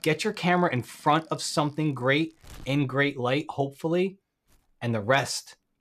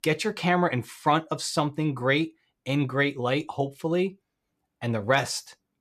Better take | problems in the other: second | household noises; faint; throughout; 30 dB below the speech

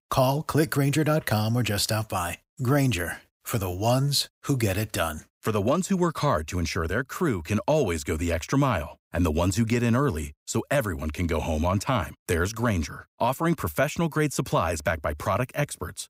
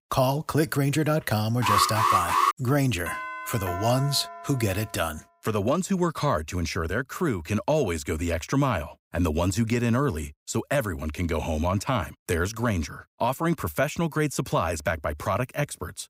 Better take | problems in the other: first | alarm; loud; at 1.5 s; peak 5 dB above the speech // doorbell; noticeable; from 3 to 5 s; peak 7 dB below the speech

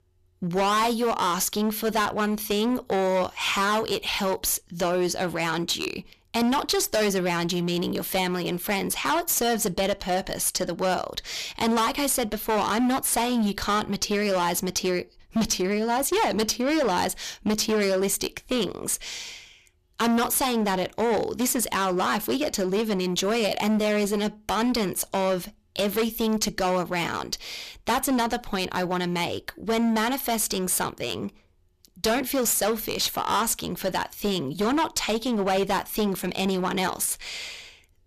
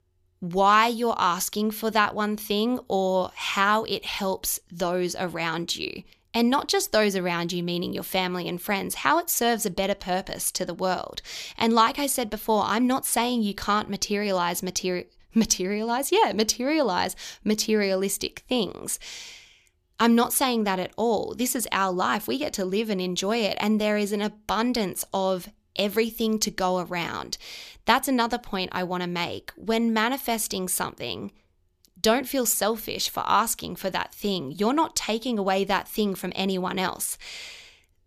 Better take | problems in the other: second | distortion; heavy; 15% of the sound clipped

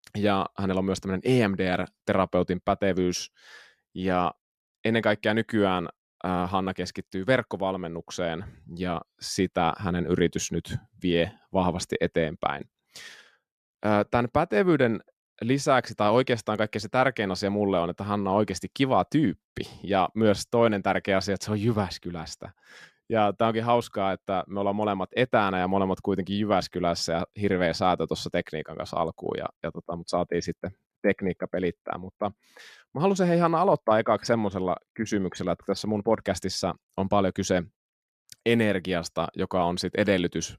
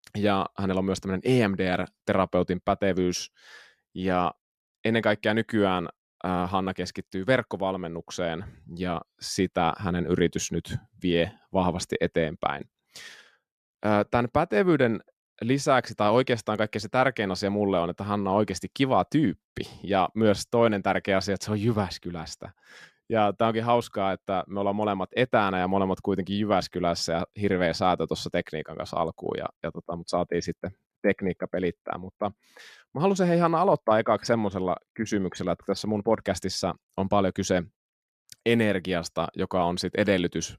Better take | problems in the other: neither | none

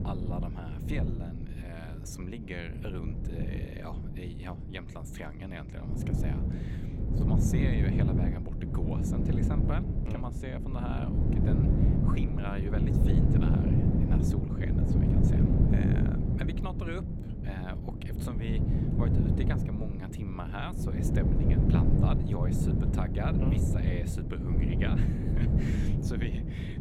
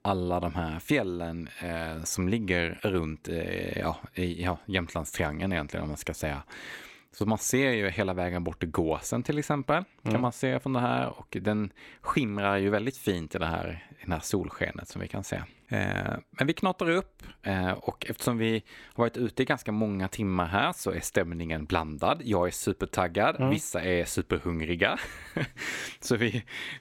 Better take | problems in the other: second | wind noise on the microphone; heavy; 4 dB above the speech

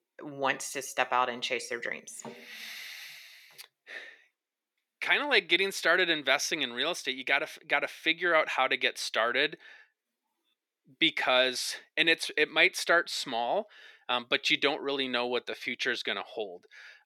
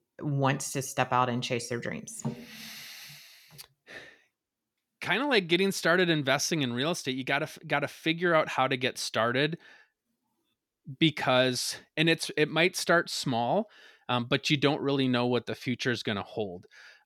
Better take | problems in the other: second | thin; somewhat; fading below 450 Hz

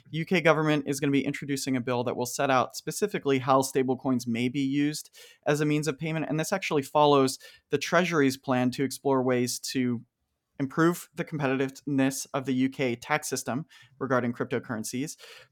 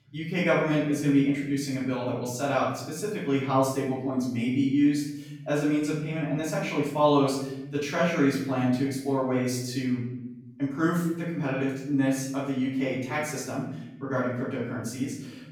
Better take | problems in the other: first | off-mic speech; far // room echo; noticeable; dies away in 1.1 s

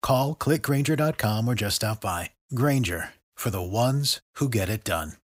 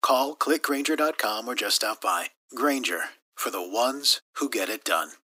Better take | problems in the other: first | thin; somewhat; fading below 300 Hz

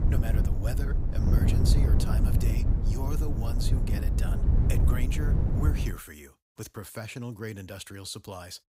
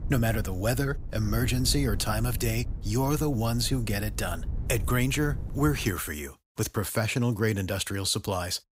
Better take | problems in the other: second | wind noise on the microphone; heavy; until 6 s; as loud as the speech; occasional gusts in the second

